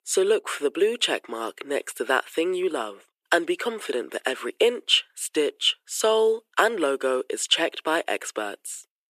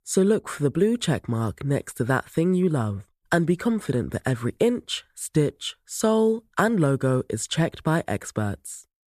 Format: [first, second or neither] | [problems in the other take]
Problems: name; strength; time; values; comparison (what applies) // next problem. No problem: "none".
second | thin; very; fading below 350 Hz